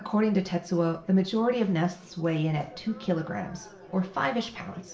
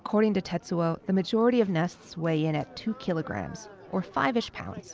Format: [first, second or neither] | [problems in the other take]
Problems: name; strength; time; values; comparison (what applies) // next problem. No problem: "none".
second | room echo; dies away in 0.4 s